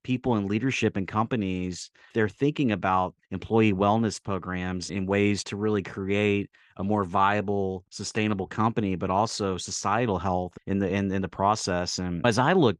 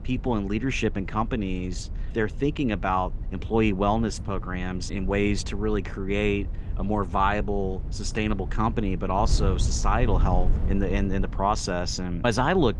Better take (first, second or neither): first